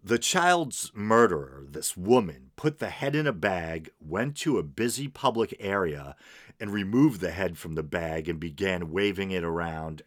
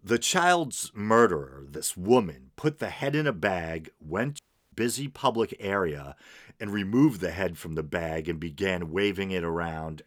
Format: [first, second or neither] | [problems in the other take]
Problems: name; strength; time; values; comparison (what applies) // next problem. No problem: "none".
first | audio cutting out; at 4.5 s